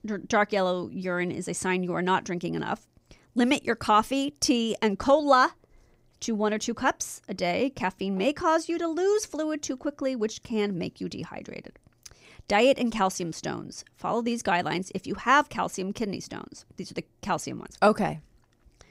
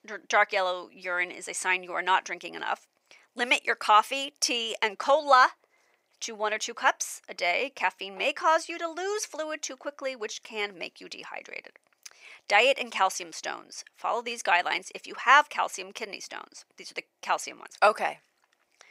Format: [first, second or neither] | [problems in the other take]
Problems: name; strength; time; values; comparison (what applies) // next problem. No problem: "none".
first | thin; very; fading below 750 Hz